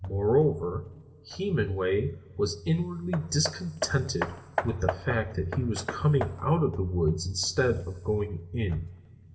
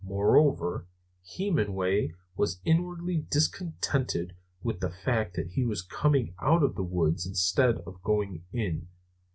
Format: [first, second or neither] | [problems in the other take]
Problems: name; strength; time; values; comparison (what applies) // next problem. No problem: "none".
second | background sound (Hammer); 12 dB below the speech // room echo; dies away in 2.2 s